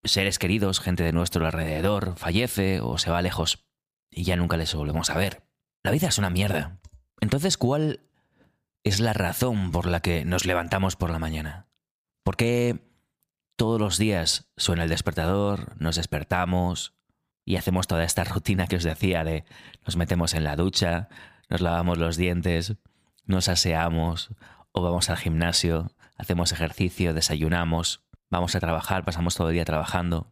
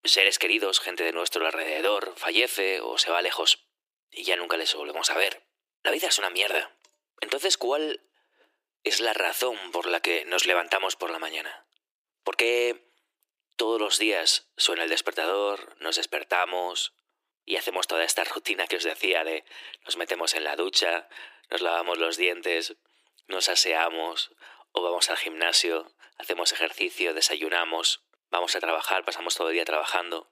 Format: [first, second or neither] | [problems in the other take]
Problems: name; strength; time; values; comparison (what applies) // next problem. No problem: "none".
first | thin; very; fading below 350 Hz